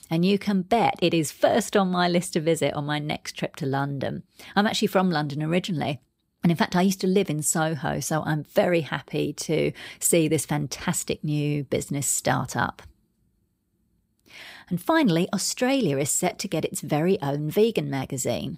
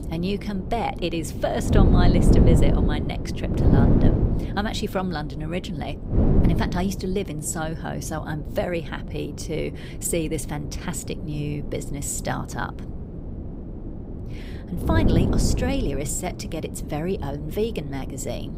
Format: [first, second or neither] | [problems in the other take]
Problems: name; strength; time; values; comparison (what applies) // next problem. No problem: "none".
first | wind noise on the microphone; heavy; 4 dB below the speech